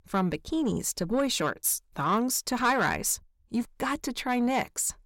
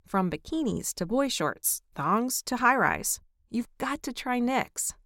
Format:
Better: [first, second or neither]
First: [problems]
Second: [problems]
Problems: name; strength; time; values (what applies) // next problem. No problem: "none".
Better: second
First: distortion; slight; 10 dB below the speech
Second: none